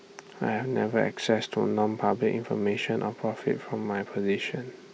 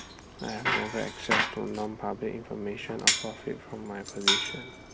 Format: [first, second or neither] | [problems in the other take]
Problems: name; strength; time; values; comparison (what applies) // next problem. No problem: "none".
first | background sound (Bicycle); 4 dB above the speech